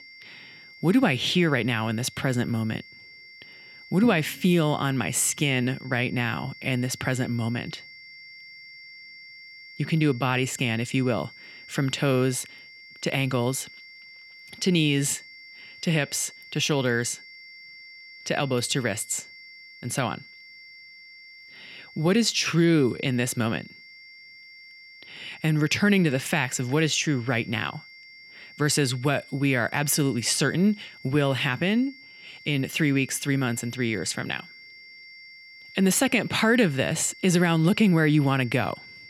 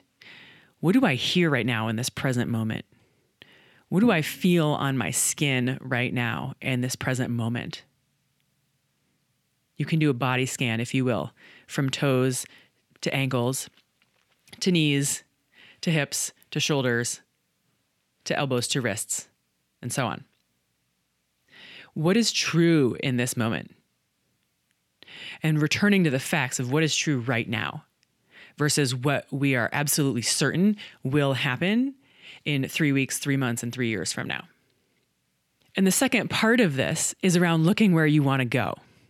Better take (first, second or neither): second